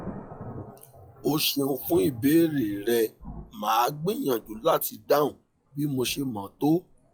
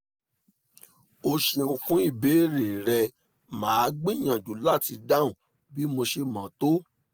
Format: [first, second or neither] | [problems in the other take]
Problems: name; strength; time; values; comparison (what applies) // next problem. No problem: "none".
second | noise reduction (classical method log-MMSE)